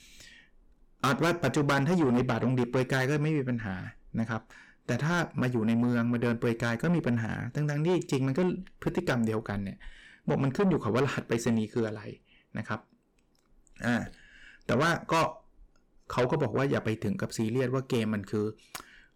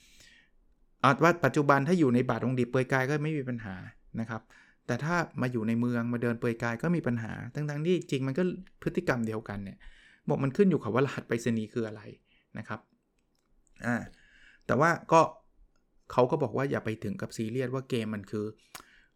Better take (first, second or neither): second